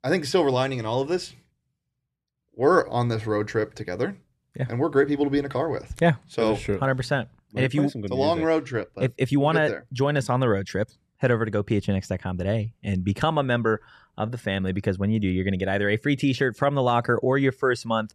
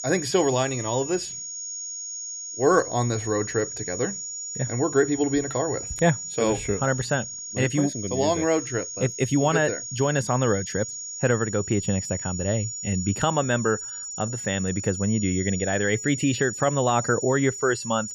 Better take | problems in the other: first | high-pitched whine; loud; throughout; 7 kHz, 7 dB below the speech

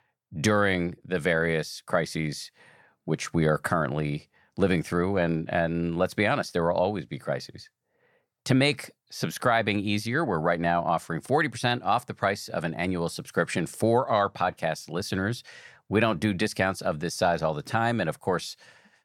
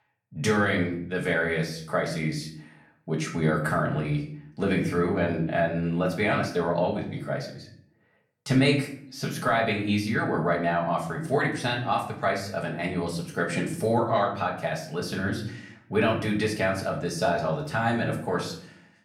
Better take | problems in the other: first | room echo; slight; dies away in 0.5 s // off-mic speech; far

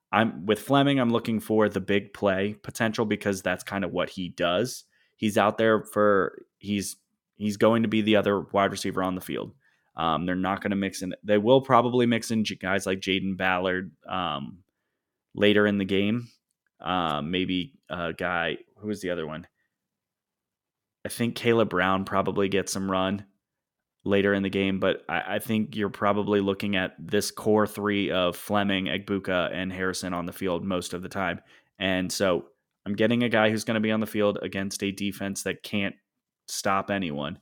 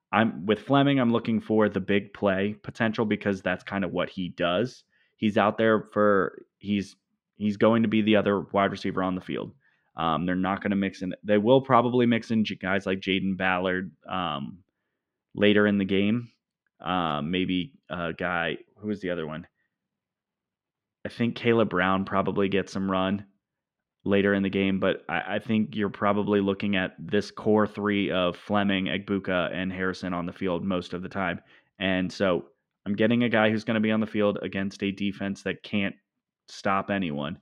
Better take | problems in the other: first | muffled; slightly; fading above 3 kHz

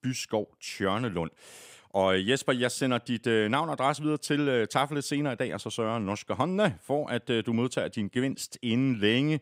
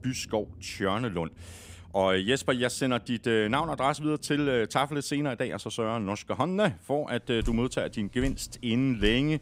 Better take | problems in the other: first | rain or running water; noticeable; throughout; 20 dB below the speech

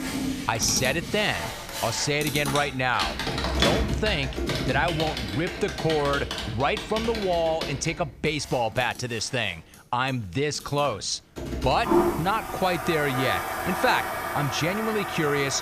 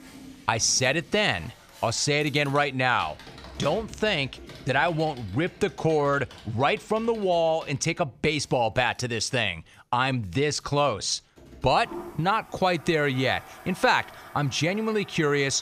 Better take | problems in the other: second | household noises; loud; throughout; 3 dB below the speech; faint in the second

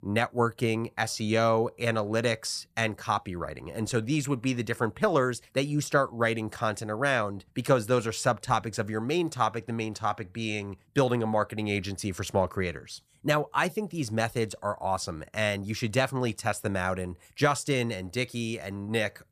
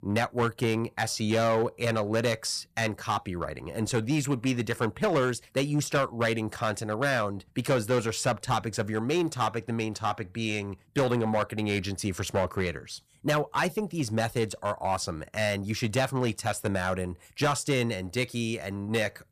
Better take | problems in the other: first | distortion; slight; 6% of the sound clipped

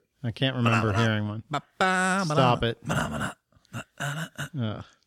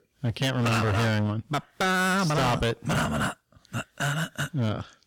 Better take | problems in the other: first | distortion; heavy; 19% of the sound clipped

